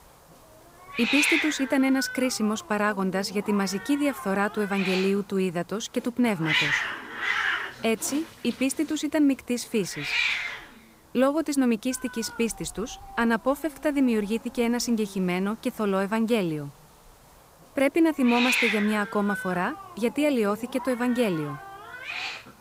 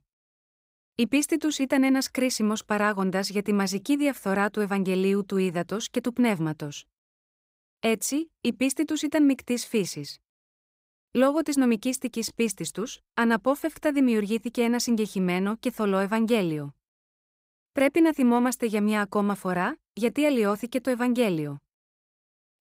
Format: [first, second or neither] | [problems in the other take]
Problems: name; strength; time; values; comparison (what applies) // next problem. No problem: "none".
second | hiss; loud; throughout; 3 dB below the speech